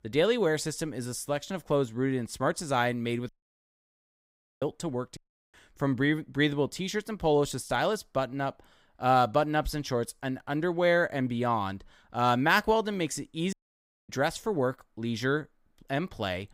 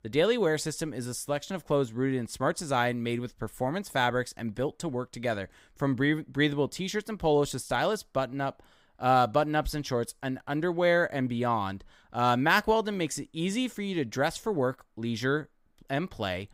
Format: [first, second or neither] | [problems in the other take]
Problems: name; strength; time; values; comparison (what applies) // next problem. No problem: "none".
second | audio cutting out; at 3.5 s for 1.5 s, at 5 s and at 14 s for 0.5 s